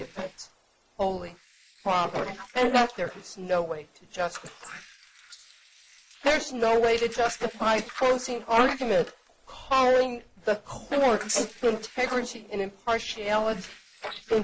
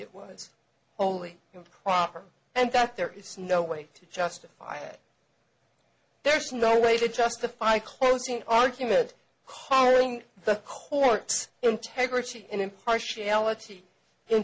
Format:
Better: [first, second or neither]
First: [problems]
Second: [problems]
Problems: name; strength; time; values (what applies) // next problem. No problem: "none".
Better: second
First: noise reduction (neural mask model Resemble Enhance denoiser)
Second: none